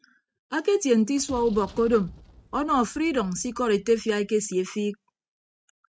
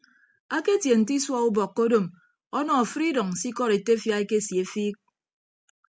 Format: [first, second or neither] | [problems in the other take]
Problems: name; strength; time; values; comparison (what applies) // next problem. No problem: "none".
second | noise reduction (neural mask model RNNoise)